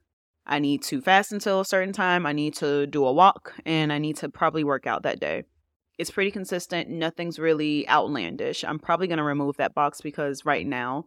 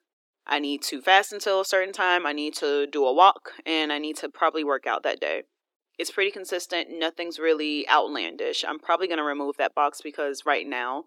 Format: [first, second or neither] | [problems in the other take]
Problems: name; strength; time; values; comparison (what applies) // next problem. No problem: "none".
first | thin; somewhat; fading below 300 Hz